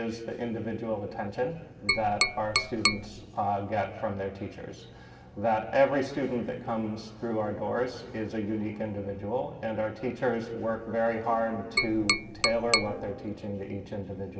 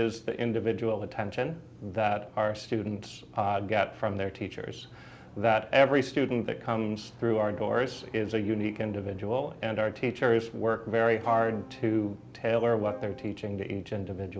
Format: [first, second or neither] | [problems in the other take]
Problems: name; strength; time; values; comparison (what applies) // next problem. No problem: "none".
second | background sound (Tap); 1 dB above the speech // room echo; dies away in 1.9 s